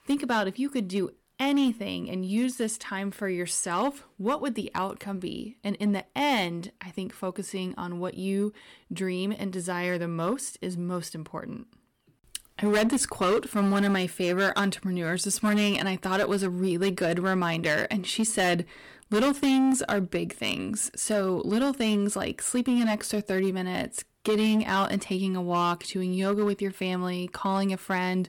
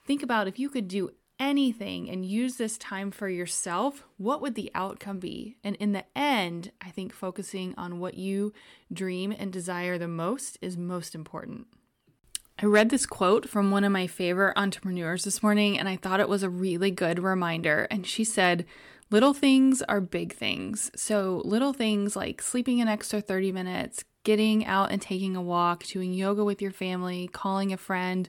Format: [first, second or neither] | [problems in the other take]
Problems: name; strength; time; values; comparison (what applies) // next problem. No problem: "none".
second | distortion; slight; 6% of the sound clipped